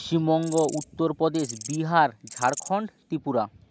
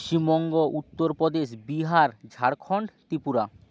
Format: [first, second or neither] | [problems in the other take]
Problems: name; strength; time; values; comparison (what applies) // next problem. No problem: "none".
second | background sound (Insect); 15 dB below the speech